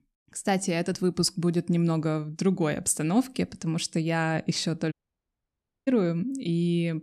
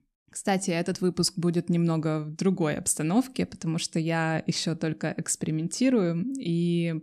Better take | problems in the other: second | audio cutting out; at 5 s for 1 s

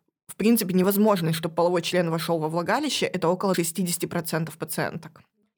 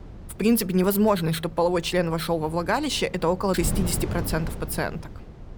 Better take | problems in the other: first | wind noise on the microphone; occasional gusts; 20 dB below the speech

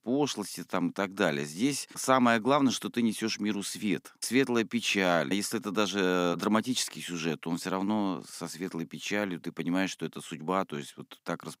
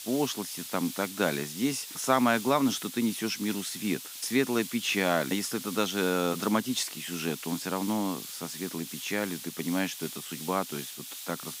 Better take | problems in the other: first | hiss; loud; throughout; 9 dB below the speech

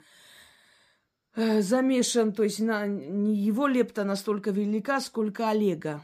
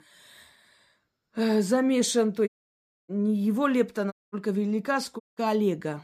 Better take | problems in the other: first | audio cutting out; at 2.5 s for 0.5 s, at 4 s and at 5 s

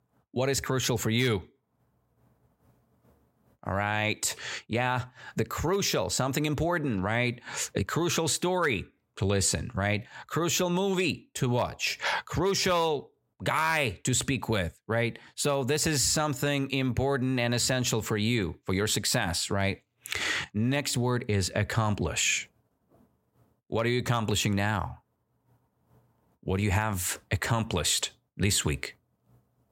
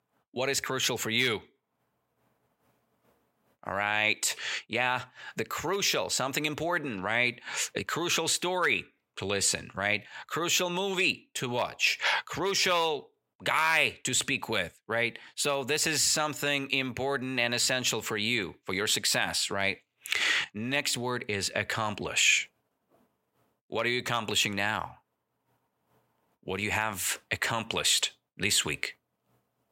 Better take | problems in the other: first | thin; somewhat; fading below 400 Hz

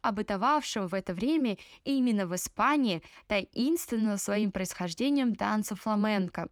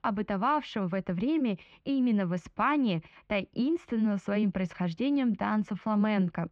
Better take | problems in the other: first | muffled; slightly; fading above 3 kHz

